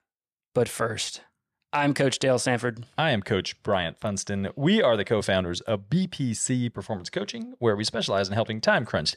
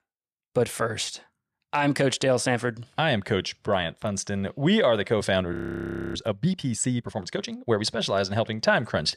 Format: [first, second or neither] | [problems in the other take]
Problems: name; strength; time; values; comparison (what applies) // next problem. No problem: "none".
first | audio freezing; at 5.5 s for 0.5 s